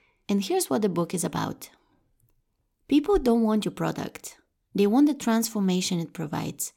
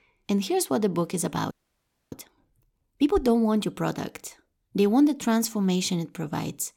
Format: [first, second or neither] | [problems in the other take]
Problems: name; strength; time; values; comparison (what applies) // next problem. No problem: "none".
first | audio freezing; at 1.5 s for 0.5 s